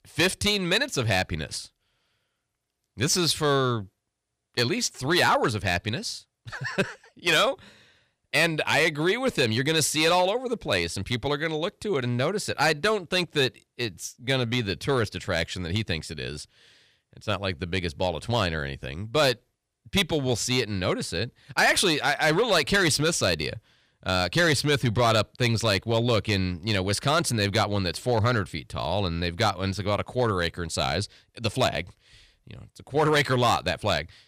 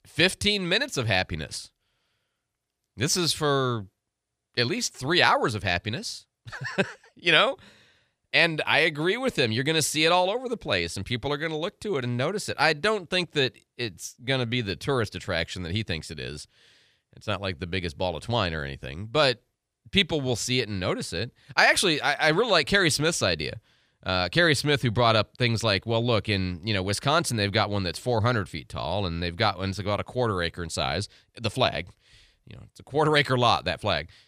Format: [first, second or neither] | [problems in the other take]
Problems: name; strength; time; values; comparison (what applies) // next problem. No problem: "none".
second | distortion; slight; 3% of the sound clipped